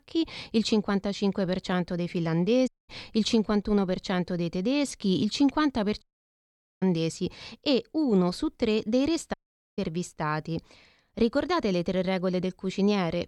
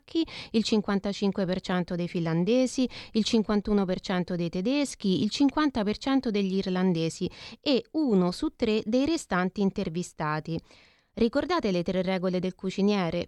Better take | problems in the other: second | audio cutting out; at 2.5 s, at 6 s for 1 s and at 9.5 s

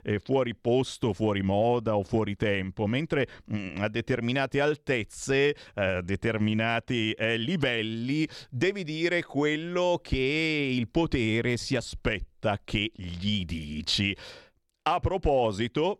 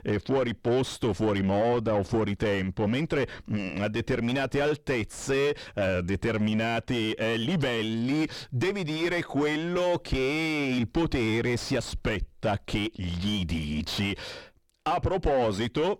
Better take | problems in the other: first | distortion; heavy; 6 dB below the speech

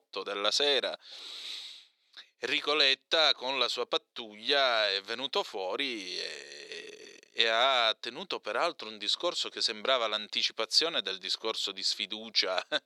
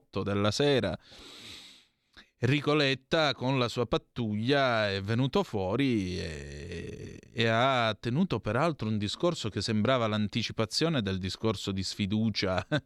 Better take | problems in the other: second | thin; very; fading below 450 Hz

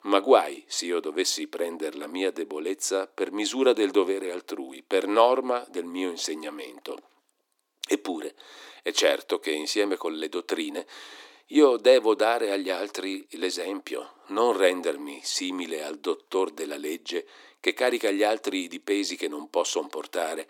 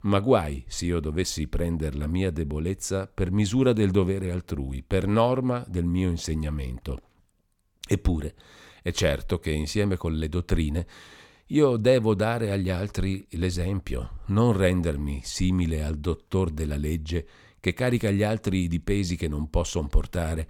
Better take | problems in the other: second | thin; somewhat; fading below 300 Hz

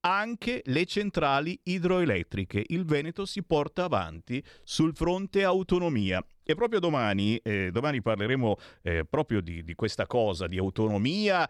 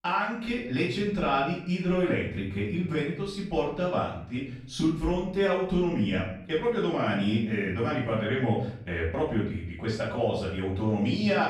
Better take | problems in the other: first | off-mic speech; far // room echo; noticeable; dies away in 0.6 s

